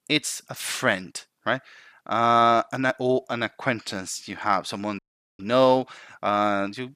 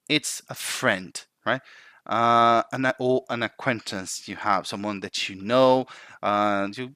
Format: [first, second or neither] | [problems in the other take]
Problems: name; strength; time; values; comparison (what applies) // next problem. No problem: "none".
second | audio cutting out; at 5 s